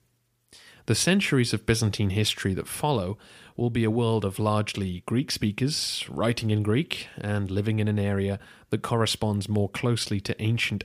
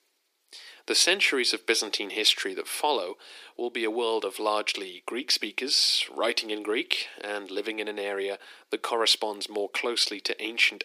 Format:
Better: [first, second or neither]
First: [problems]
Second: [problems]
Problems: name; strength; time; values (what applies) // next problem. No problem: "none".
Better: first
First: none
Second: thin; very; fading below 300 Hz